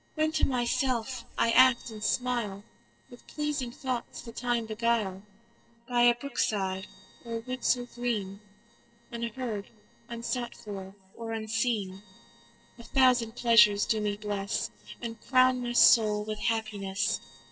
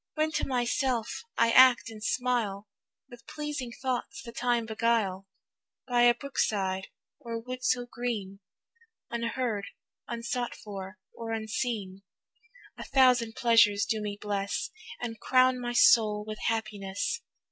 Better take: second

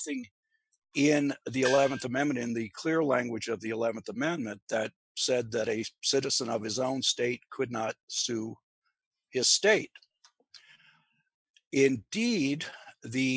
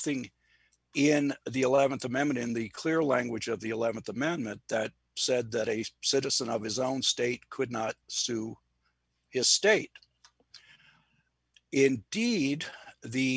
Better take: second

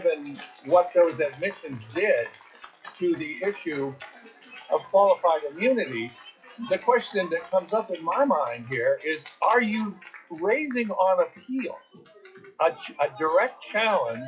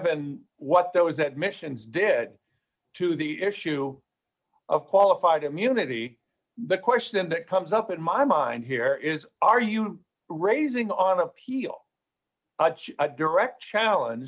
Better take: second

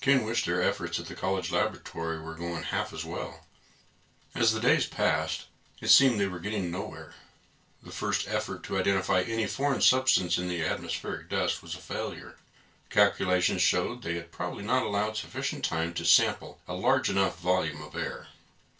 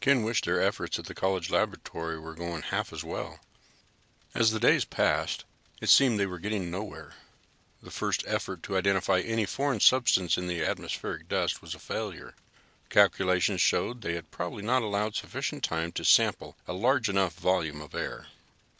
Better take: second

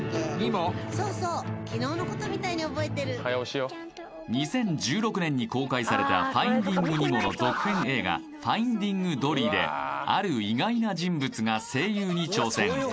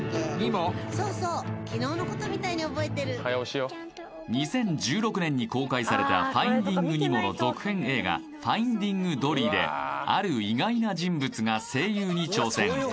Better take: second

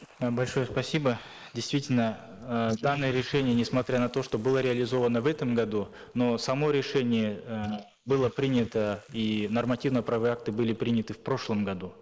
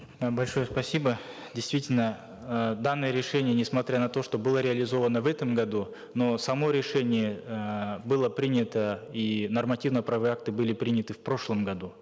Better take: second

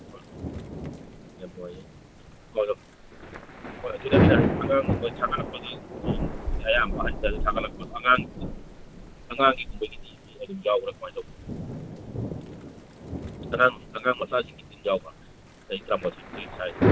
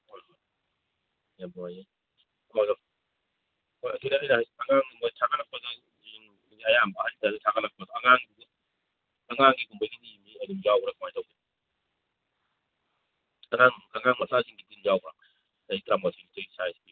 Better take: second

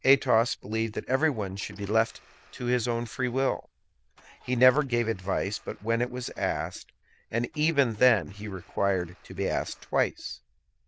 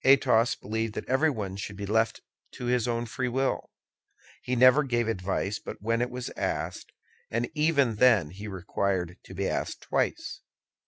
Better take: second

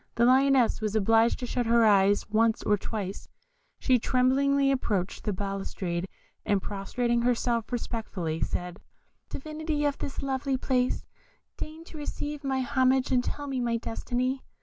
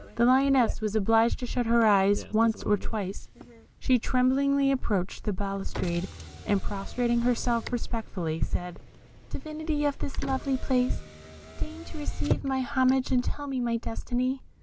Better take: first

